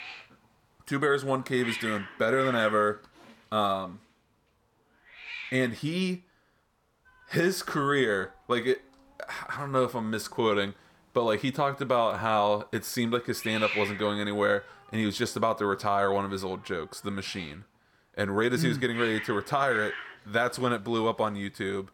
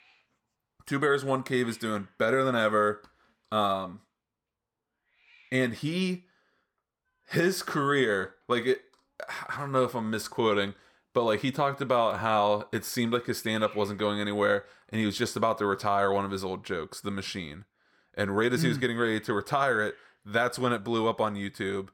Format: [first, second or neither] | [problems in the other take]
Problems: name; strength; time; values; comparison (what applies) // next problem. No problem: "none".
second | hiss; loud; throughout; 9 dB below the speech; faint in the second